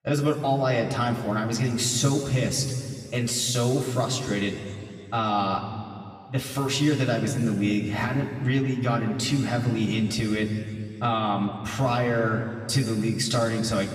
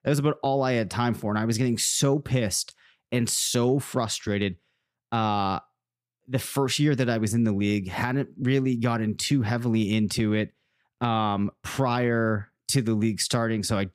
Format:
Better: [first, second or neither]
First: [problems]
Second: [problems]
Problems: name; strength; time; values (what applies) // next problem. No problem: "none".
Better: second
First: room echo; noticeable; dies away in 2.2 s // off-mic speech; far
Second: none